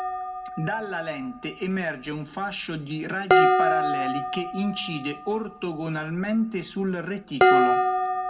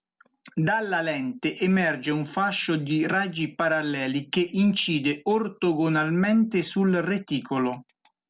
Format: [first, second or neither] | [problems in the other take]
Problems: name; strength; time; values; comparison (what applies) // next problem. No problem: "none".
second | background sound (Dishes, pots, and pans); 4 dB above the speech // room echo; dies away in 0.8 s